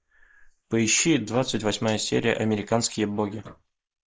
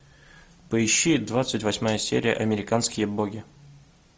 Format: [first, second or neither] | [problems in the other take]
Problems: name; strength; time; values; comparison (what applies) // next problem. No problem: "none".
second | noise reduction (neural mask model Resemble Enhance denoiser)